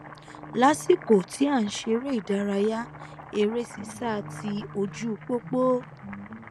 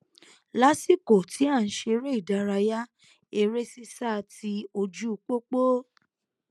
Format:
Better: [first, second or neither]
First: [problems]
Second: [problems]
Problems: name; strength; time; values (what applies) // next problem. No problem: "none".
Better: second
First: background sound (Boiling + Guitar); 15 dB below the speech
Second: none